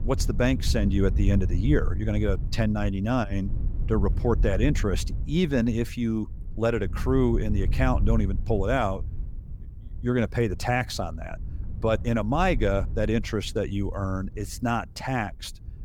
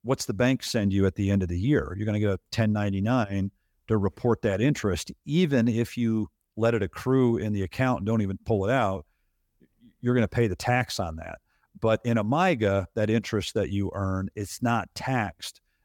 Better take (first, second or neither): second